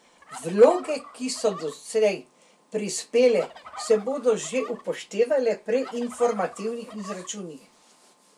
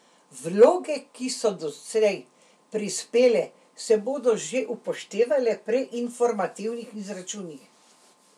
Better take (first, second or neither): second